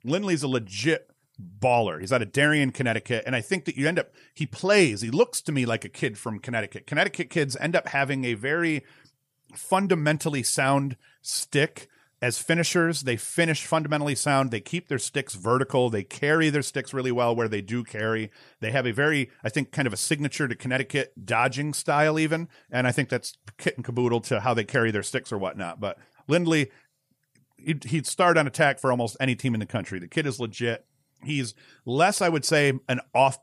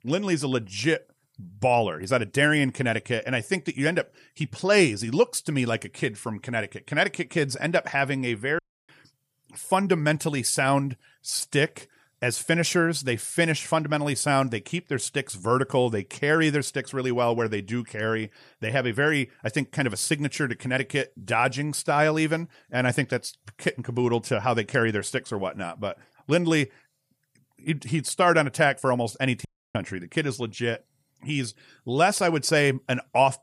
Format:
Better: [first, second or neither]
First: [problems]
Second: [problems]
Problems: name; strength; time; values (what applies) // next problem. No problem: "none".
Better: first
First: none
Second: audio cutting out; at 8.5 s and at 29 s